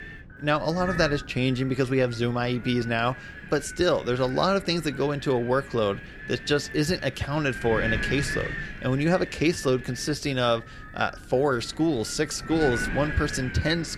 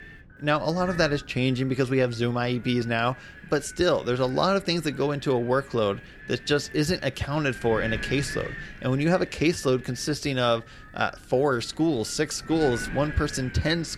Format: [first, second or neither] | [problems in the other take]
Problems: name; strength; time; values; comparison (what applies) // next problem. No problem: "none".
second | wind noise on the microphone; heavy; 8 dB below the speech; occasional gusts in the second